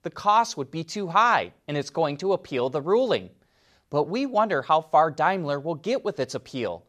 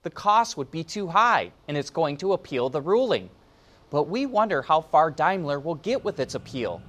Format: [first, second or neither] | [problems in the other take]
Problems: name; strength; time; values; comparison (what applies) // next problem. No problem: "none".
first | traffic noise; faint; throughout; 30 dB below the speech